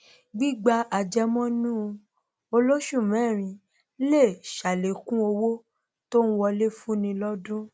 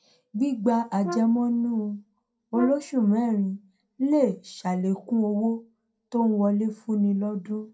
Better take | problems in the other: first | background sound (Brass instrument); 13 dB below the speech // room echo; dies away in 0.2 s

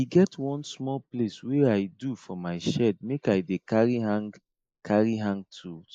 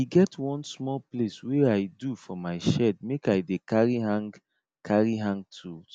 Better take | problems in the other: second | noise reduction (neural mask model Resemble Enhance denoiser)

